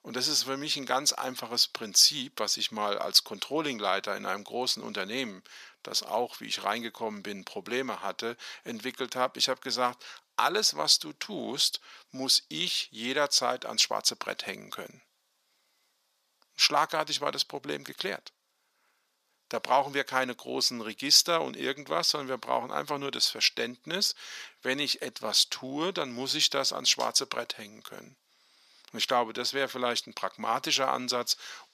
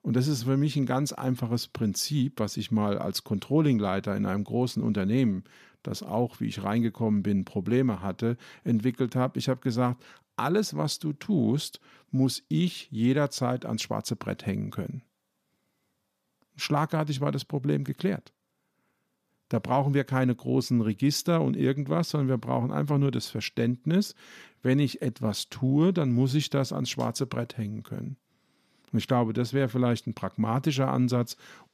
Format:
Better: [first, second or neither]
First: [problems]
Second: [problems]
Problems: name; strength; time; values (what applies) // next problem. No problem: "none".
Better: second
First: thin; very; fading below 650 Hz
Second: none